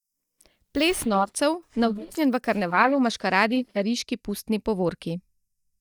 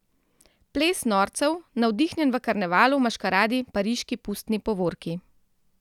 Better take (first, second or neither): second